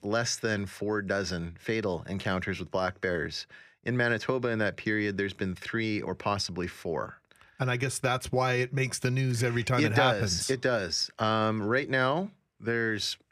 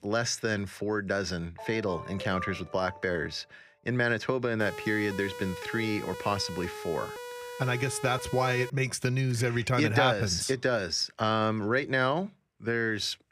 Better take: first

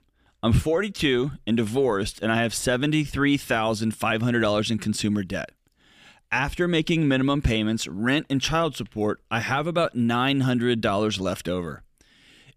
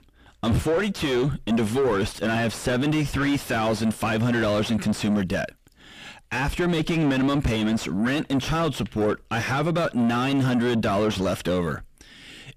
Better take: first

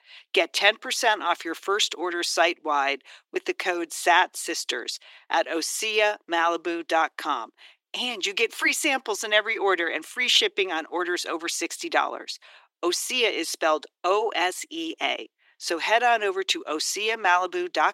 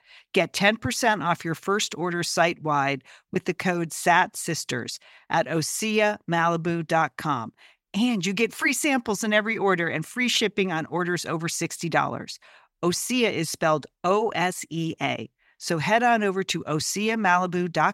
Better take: second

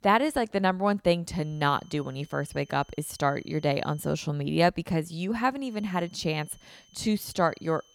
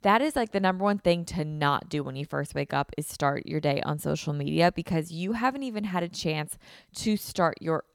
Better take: second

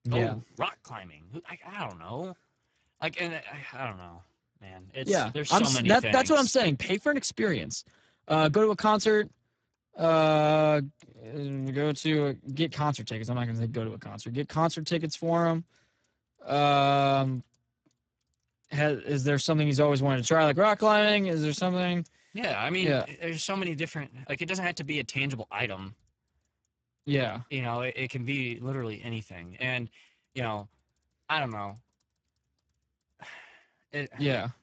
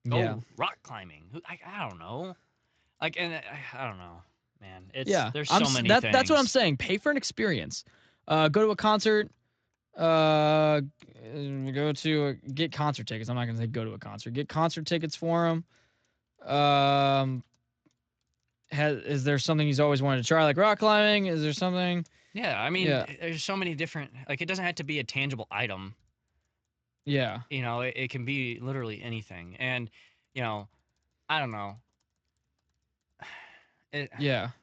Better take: second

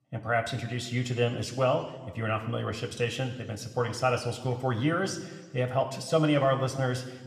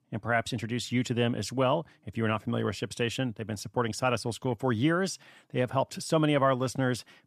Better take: second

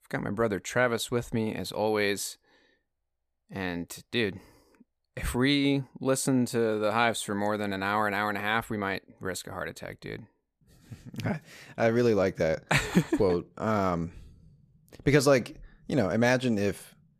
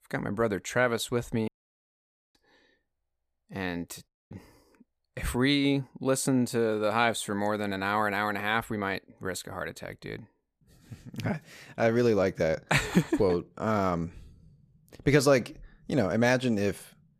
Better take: first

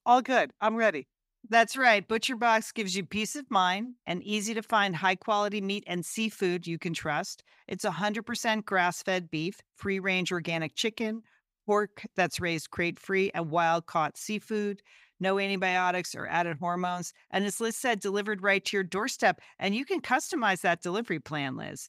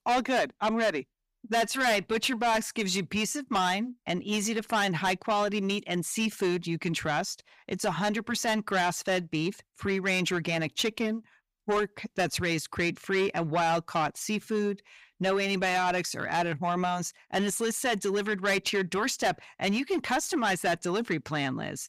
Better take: first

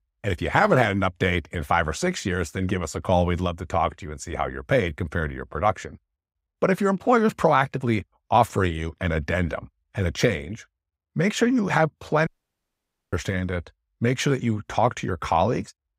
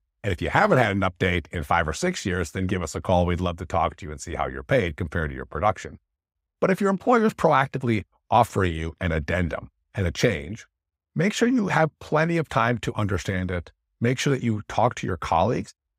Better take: second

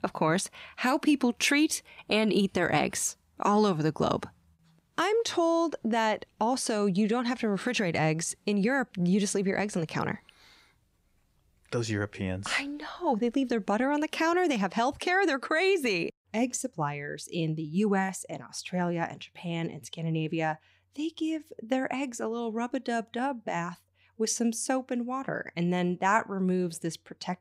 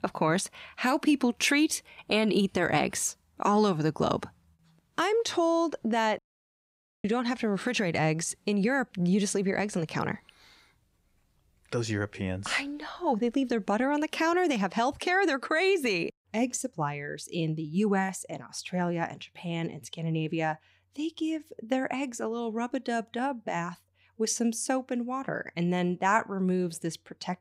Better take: first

